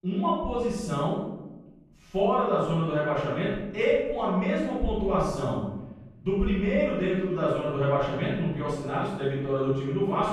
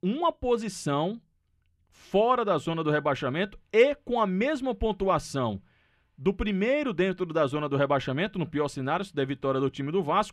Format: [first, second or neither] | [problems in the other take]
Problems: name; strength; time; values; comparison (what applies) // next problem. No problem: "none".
second | off-mic speech; far // room echo; strong; dies away in 1 s